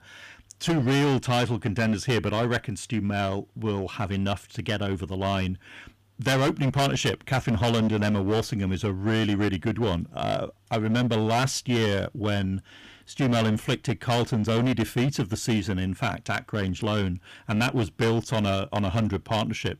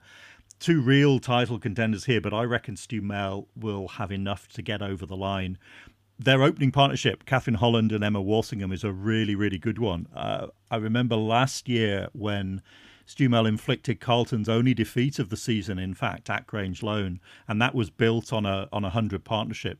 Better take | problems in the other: second | distortion; heavy; 14% of the sound clipped

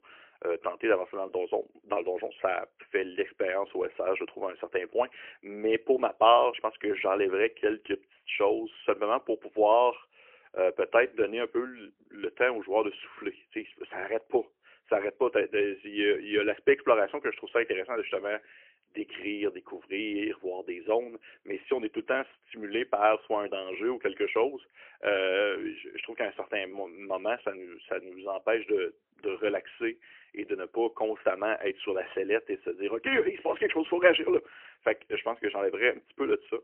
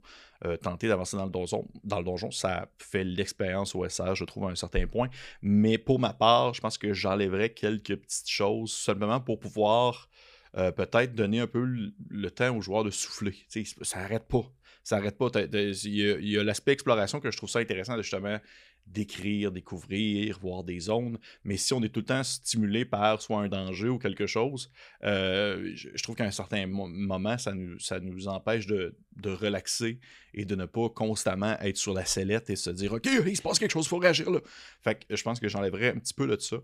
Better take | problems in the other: second | phone-call audio; poor line; nothing above 3 kHz

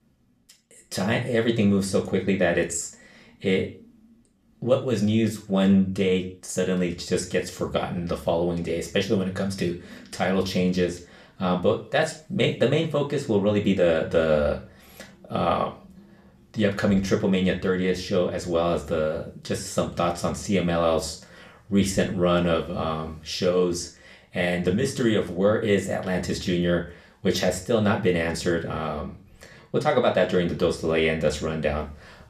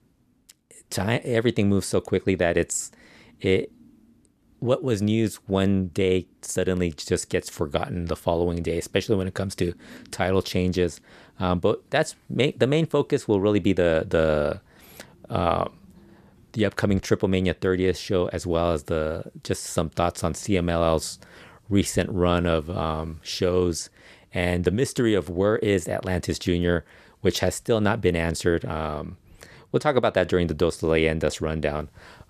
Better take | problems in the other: second | room echo; slight; dies away in 0.3 s // off-mic speech; somewhat distant

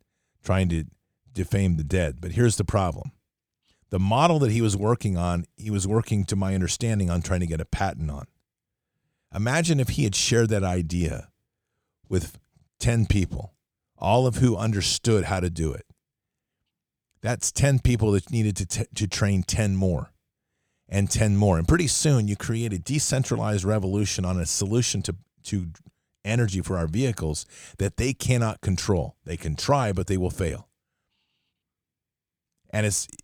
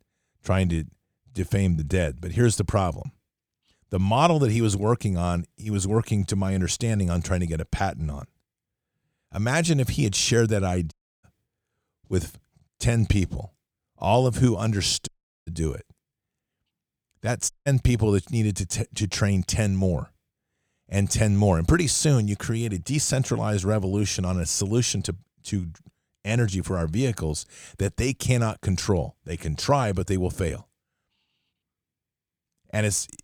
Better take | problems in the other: first | audio cutting out; at 11 s, at 15 s and at 18 s

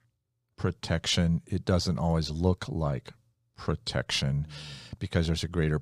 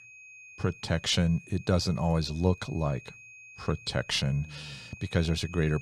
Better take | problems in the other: first | high-pitched whine; noticeable; throughout; 2.5 kHz, 20 dB below the speech

